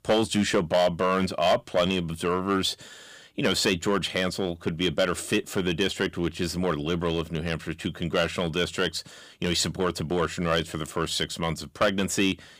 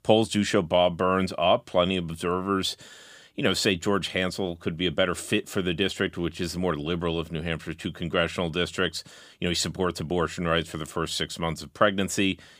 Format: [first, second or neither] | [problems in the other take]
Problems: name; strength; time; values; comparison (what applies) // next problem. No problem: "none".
second | distortion; slight; 3% of the sound clipped